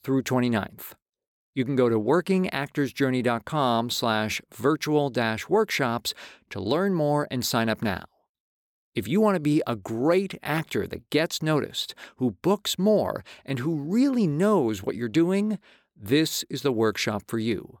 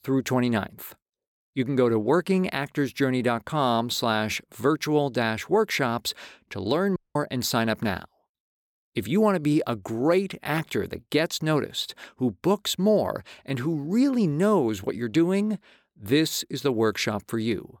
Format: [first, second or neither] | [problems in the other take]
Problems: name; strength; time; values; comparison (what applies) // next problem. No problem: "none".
first | audio cutting out; at 7 s